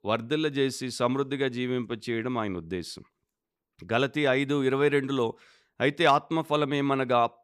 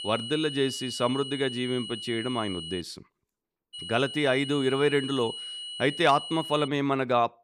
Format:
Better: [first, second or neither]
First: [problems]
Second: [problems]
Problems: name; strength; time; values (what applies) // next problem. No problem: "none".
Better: first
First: none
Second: high-pitched whine; loud; until 3 s and from 3.5 to 6.5 s; 3 kHz, 9 dB below the speech